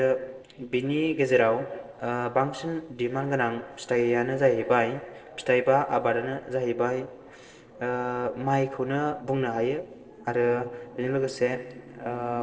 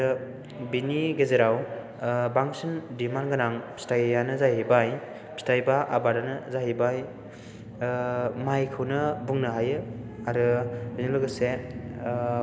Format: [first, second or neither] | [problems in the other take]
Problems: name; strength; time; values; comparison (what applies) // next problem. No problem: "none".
second | noise reduction (neural separator model SepFormer DNS4)